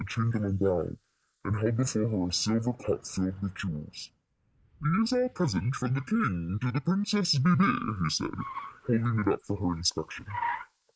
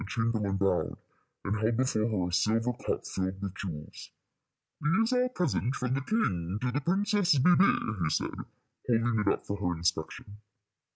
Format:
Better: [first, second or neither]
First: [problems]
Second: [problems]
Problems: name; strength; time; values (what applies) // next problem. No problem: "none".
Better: second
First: noise reduction (neural mask model Resemble Enhance denoiser)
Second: none